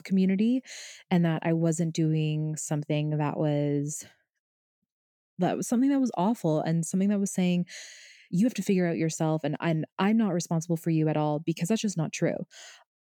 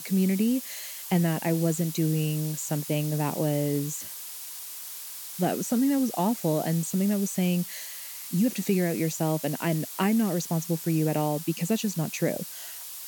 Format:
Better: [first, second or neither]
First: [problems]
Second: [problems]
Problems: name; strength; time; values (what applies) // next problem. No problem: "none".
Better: first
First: none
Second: hiss; loud; throughout; 9 dB below the speech